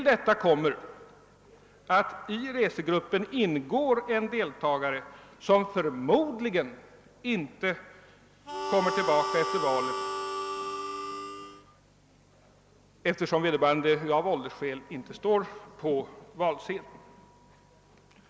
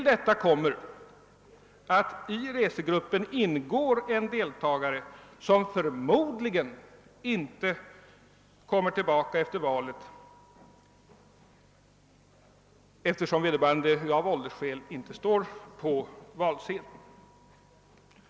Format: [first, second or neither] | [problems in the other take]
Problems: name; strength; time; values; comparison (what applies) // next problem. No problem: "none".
second | background sound (Harmonica); 4 dB below the speech